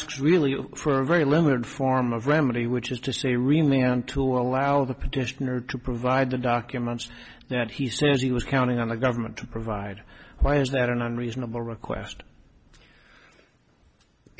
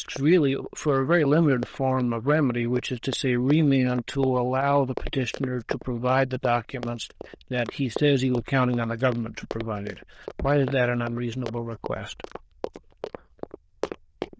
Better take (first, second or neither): first